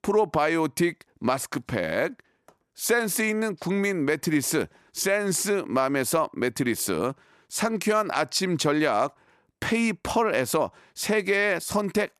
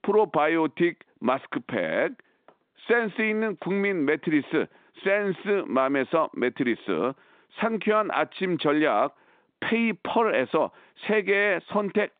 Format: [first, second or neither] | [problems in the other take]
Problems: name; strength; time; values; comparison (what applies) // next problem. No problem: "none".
first | phone-call audio; nothing above 3.5 kHz